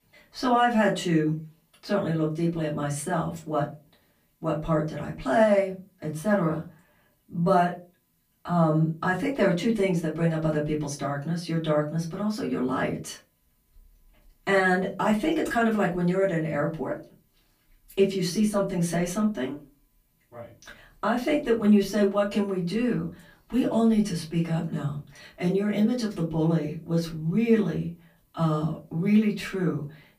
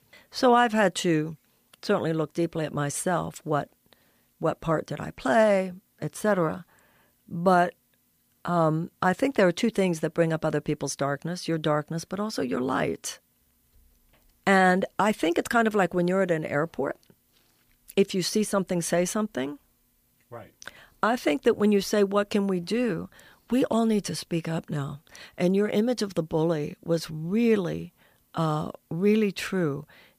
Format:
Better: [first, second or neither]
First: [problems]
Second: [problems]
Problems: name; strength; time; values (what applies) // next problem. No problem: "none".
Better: second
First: off-mic speech; far // room echo; very slight; dies away in 0.3 s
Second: none